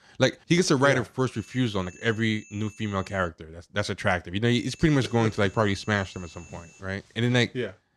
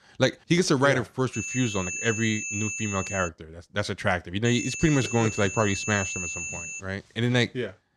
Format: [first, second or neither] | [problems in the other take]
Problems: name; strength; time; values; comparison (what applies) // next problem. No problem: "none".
first | high-pitched whine; loud; from 1.5 to 3.5 s and from 4.5 to 7 s; 2.5 kHz, 6 dB below the speech; faint in the first